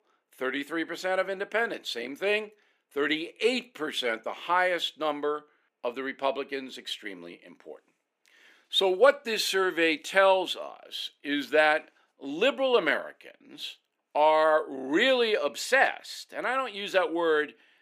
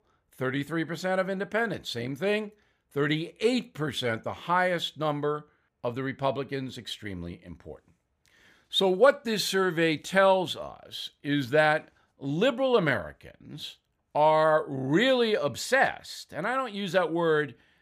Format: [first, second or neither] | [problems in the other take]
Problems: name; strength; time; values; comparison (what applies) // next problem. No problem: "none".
second | thin; very slightly; fading below 300 Hz